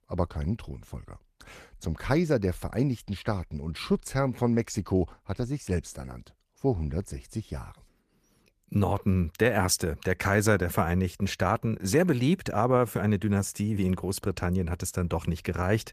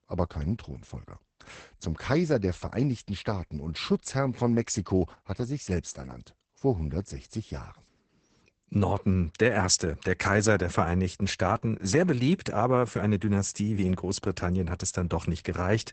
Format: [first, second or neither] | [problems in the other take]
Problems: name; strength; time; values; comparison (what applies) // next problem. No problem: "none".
first | garbled, watery; badly; nothing above 8 kHz; slightly in the first